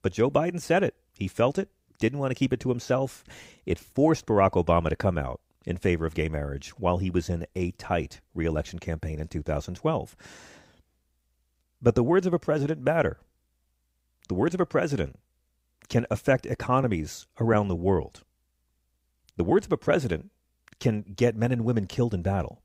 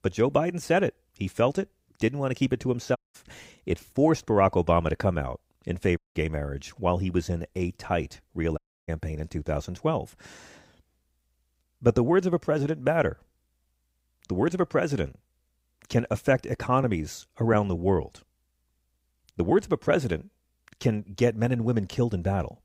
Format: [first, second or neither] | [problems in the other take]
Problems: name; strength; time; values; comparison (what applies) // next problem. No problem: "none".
first | audio cutting out; at 3 s, at 6 s and at 8.5 s